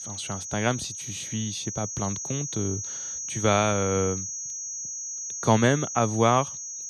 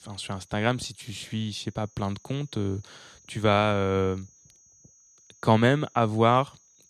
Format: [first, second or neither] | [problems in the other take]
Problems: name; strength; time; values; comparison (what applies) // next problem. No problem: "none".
second | high-pitched whine; loud; throughout; 6.5 kHz, 5 dB below the speech; faint in the second